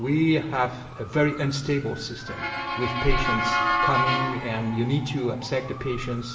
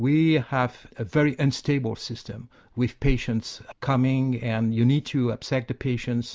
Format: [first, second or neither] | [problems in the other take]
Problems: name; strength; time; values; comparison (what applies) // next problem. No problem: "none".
second | background sound (Motor vehicle (road) / Siren); 3 dB below the speech // room echo; dies away in 0.9 s